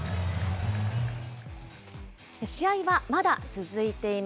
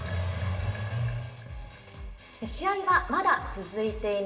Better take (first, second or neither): first